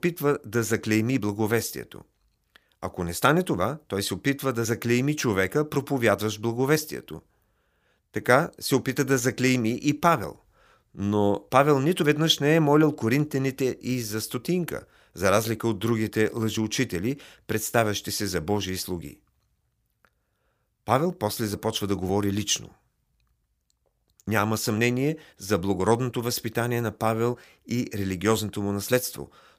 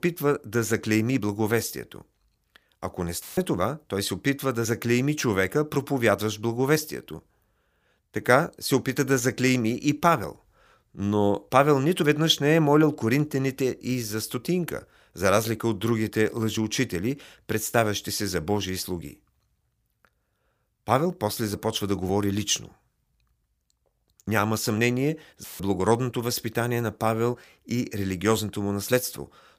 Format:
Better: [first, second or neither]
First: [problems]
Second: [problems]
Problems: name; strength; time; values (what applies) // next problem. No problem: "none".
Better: first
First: none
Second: audio cutting out; filled with static; at 3 s and at 25 s